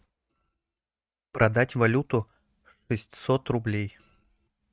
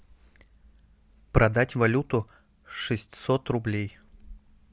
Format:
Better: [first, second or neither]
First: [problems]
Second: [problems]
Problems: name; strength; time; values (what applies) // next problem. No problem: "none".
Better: second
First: noise reduction (neural mask model RNNoise)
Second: none